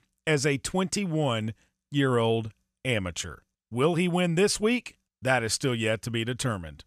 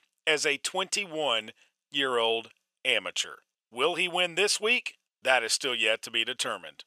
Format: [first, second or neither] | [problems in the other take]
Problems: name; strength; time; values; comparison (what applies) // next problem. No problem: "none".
first | thin; very; fading below 550 Hz